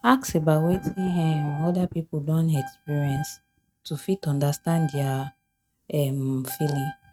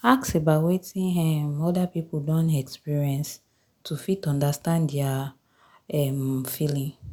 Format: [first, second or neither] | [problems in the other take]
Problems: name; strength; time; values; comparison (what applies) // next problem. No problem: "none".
second | noise reduction (neural mask model RNNoise)